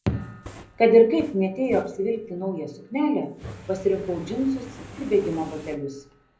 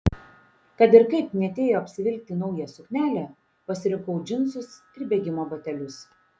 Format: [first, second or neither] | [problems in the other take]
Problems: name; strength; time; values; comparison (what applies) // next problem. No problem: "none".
second | background sound (Fire); 19 dB below the speech // room echo; dies away in 0.4 s